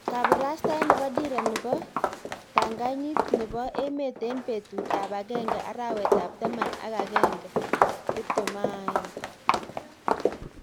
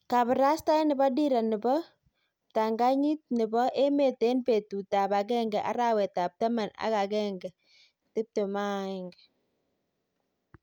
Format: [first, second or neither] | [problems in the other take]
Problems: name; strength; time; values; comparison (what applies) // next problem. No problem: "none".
second | background sound (Walk, footsteps); 4 dB above the speech